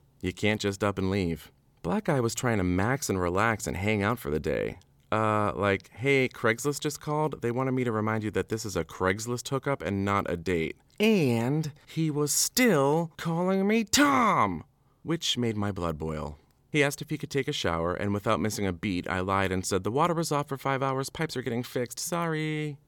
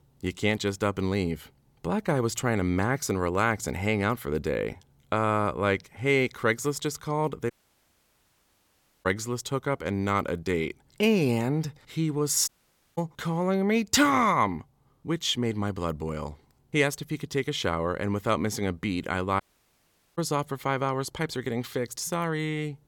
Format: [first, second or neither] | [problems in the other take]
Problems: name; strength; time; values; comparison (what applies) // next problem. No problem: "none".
first | audio cutting out; at 7.5 s for 1.5 s, at 12 s and at 19 s for 1 s